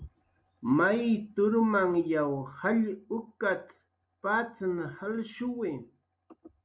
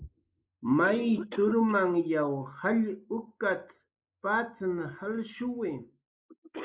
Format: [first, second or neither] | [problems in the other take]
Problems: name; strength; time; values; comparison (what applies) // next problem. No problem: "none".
first | noise reduction (neural mask model Resemble Enhance denoiser)